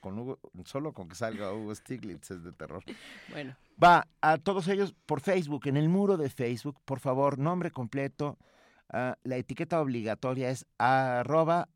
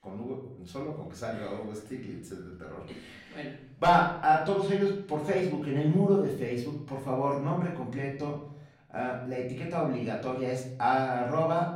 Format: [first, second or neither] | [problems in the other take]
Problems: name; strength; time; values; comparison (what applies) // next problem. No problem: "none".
first | off-mic speech; far // room echo; slight; dies away in 0.6 s